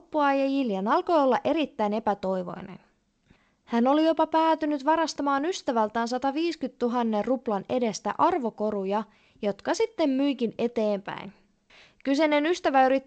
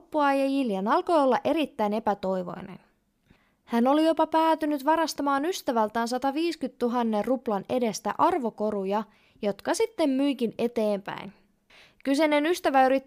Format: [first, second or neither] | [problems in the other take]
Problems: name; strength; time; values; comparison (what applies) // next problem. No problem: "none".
second | garbled, watery; slightly; nothing above 7.5 kHz